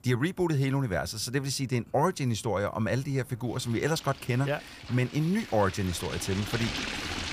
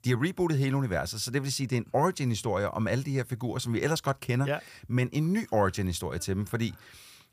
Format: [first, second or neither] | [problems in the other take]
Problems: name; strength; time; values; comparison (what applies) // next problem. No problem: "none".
second | rain or running water; loud; throughout; 9 dB below the speech